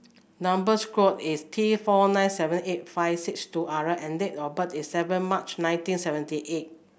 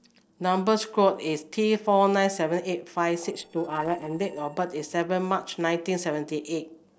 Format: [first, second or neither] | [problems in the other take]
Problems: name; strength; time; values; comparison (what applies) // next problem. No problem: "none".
first | noise reduction (neural separator model SepFormer DNS4)